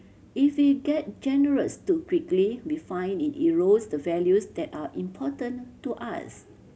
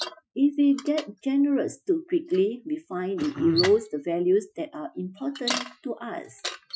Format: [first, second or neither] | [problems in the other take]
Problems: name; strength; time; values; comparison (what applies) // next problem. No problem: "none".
first | noise reduction (classical method Wiener filter)